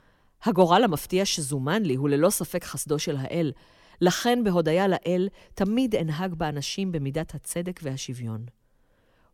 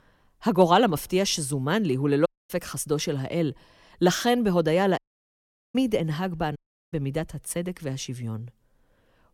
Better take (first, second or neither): first